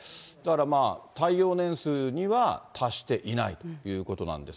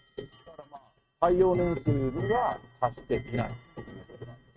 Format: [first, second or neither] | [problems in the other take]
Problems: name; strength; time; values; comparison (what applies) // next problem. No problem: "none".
first | noise reduction (neural mask model RNNoise)